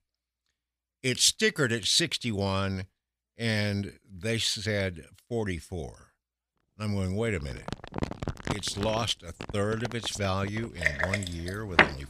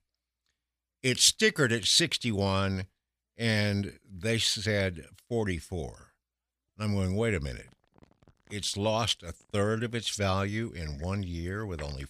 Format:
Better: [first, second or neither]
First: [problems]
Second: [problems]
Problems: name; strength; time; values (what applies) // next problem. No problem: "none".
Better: second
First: household noises; loud; from 7 s on; 1 dB below the speech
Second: household noises; faint; from 7 s on; 30 dB below the speech